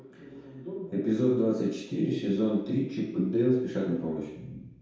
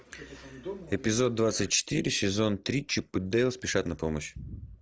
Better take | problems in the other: second | room echo; dies away in 0.8 s

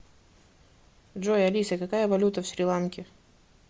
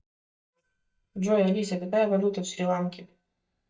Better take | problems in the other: first | noise reduction (neural mask model DeepFilterNet 3)

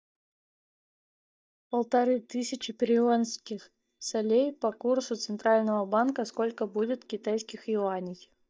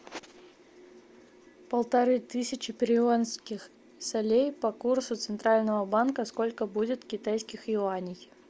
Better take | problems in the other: second | noise reduction (neural mask model DeepFilterNet 3)

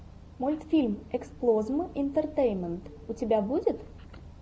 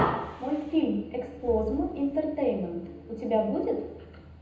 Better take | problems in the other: first | background sound (Breathing); 16 dB below the speech // room echo; dies away in 0.8 s

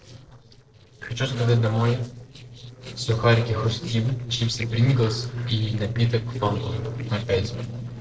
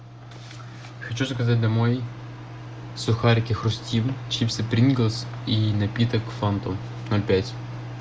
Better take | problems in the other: second | noise reduction (neural separator model SepFormer DNS4)

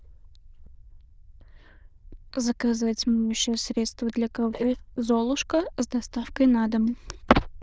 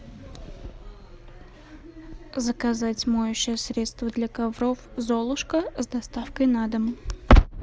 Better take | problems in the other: second | noise reduction (neural diffusion model UNIVERSE++)

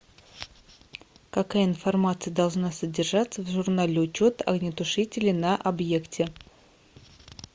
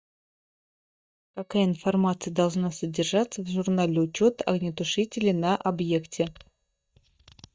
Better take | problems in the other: first | noise reduction (neural mask model DeepFilterNet 3)

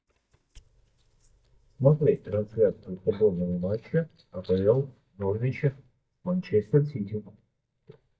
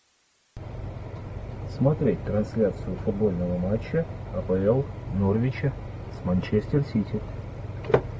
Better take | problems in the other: second | noise reduction (neural mask model DeepFilterNet 3)

